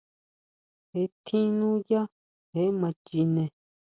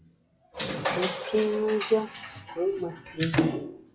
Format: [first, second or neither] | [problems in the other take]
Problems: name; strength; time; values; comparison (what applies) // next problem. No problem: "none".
first | noise reduction (classical method WPE with log-MMSE)